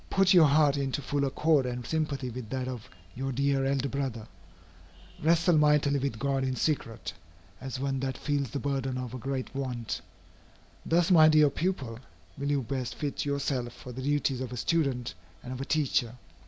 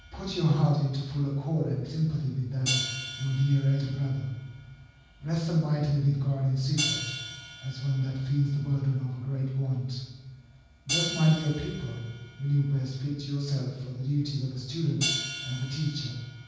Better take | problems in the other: first | background sound (Hi-hat); 10 dB below the speech // room echo; dies away in 1.2 s

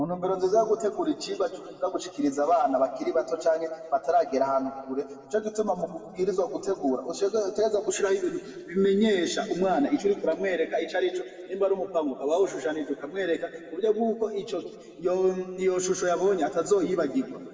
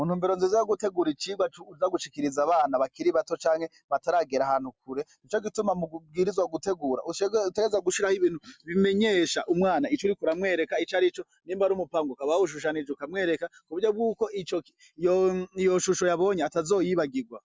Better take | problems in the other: second | room echo; dies away in 1.8 s

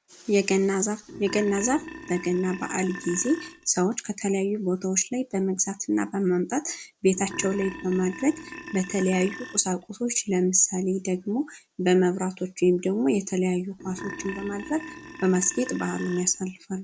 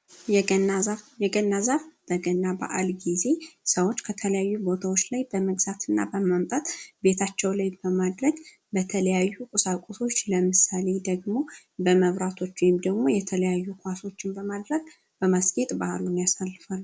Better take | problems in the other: second | background sound (Burping, eructation); 14 dB below the speech

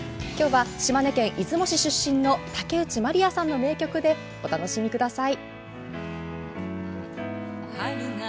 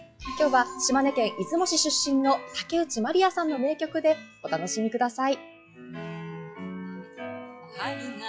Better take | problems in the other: first | noise reduction (classical method log-MMSE)

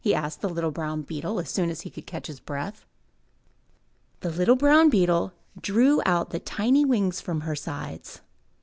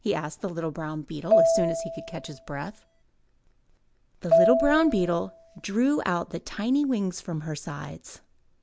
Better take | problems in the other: first | background sound (Marimba, xylophone); 1 dB above the speech

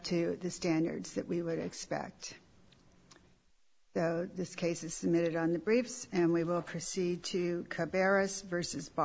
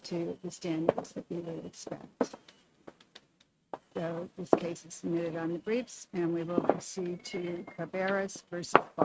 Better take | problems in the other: first | noise reduction (neural mask model RNNoise)

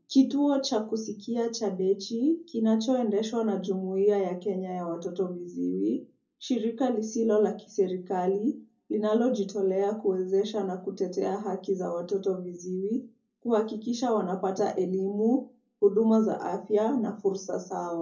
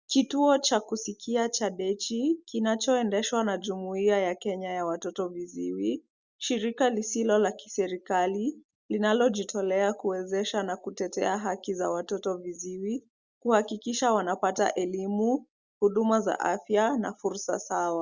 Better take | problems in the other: second | room echo; dies away in 0.4 s

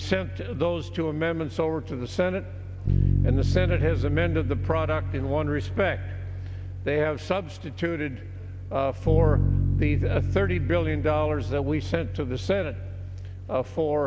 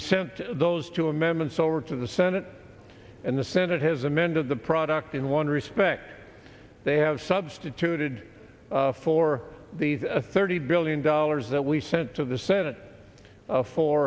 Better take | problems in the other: second | background sound (Bass guitar); as loud as the speech

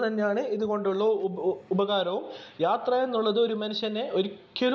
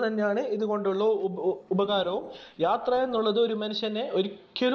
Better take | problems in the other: first | noise reduction (neural separator model SepFormer DNS4)

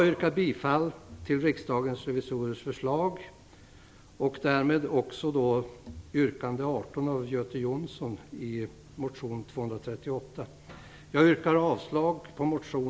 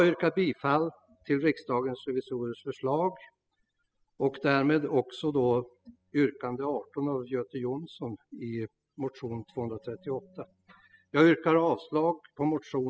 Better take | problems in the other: first | noise reduction (classical method spectral subtraction)

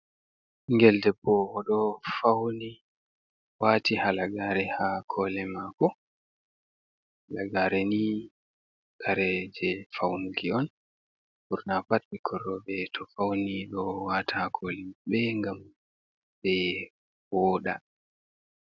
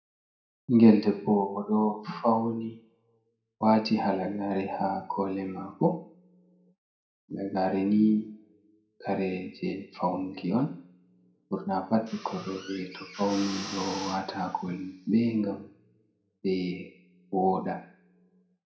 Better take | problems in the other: first | background sound (Drill); 15 dB below the speech // room echo; dies away in 0.5 s

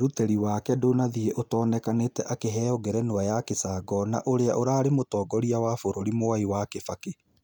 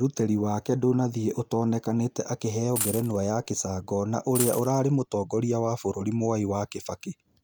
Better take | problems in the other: first | background sound (Coin (dropping)); 8 dB below the speech

